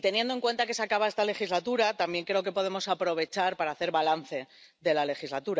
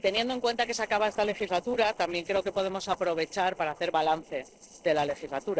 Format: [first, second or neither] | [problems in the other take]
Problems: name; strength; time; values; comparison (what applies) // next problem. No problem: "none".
first | noise reduction (neural separator model SepFormer DNS4)